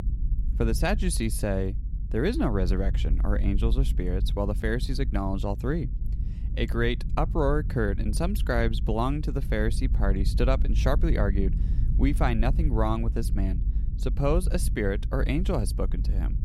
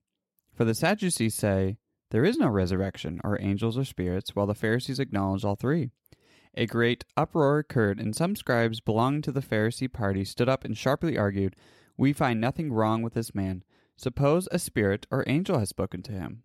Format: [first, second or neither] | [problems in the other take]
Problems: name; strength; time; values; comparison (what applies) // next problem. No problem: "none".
second | low rumble; noticeable; throughout; 15 dB below the speech